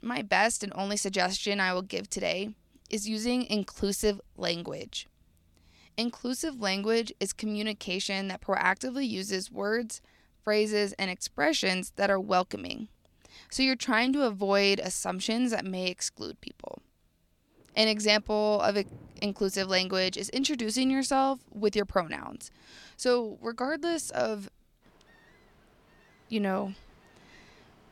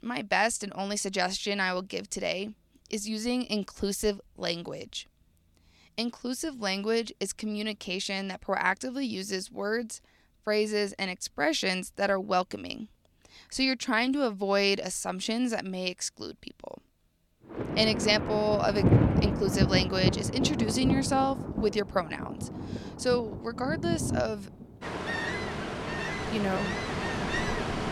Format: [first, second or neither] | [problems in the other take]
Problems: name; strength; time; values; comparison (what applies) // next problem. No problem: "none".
first | rain or running water; loud; from 18 s on; 1 dB below the speech; faint in the first